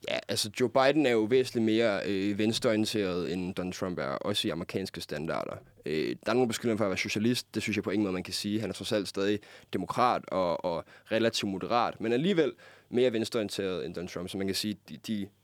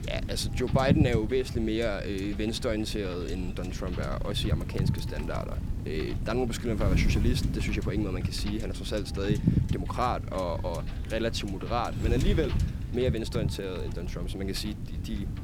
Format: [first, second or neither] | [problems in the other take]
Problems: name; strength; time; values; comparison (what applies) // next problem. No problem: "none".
first | wind noise on the microphone; heavy; 9 dB below the speech